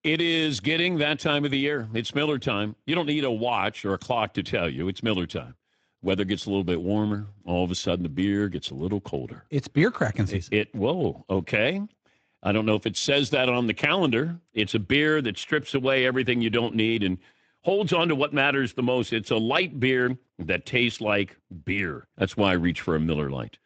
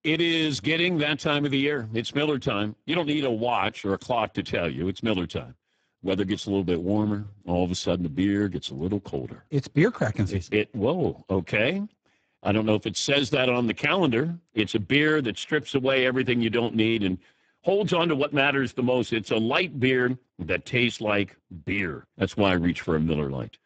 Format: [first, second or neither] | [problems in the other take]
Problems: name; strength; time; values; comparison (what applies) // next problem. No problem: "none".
first | garbled, watery; badly; nothing above 7.5 kHz; slightly in the first